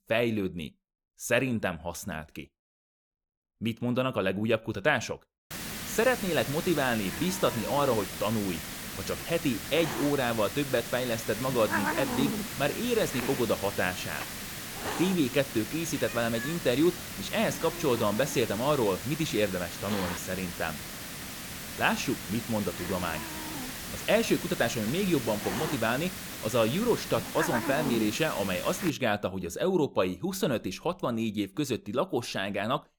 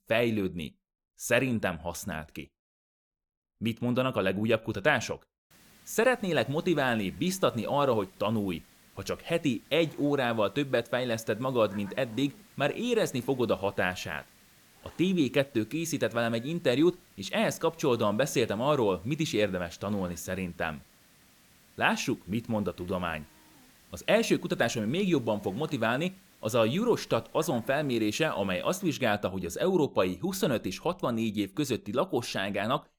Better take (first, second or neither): second